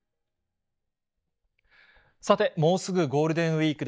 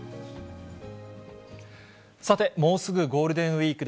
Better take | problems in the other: second | noise reduction (neural mask model DeepFilterNet 3)

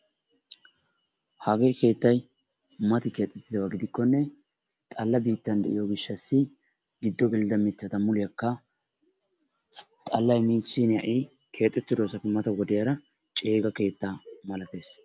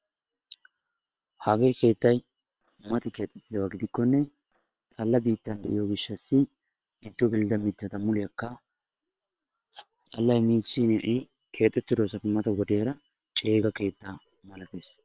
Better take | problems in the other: first | noise reduction (neural separator model SepFormer WHAM!)

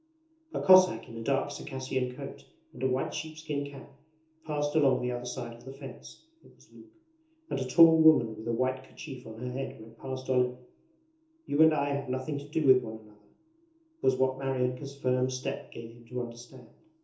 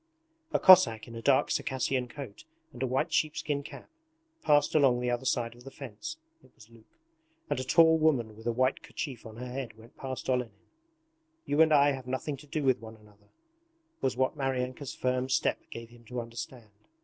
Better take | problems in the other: second | room echo; dies away in 0.6 s

